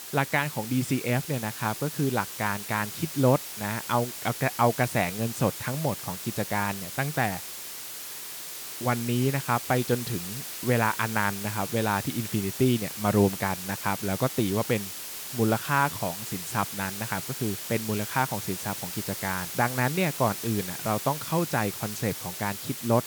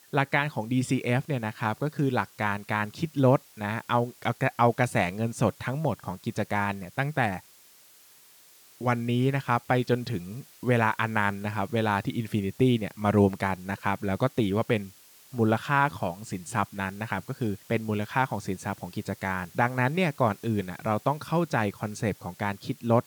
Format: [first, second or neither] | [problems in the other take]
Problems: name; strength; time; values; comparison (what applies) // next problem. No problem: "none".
second | hiss; loud; throughout; 6 dB below the speech; faint in the second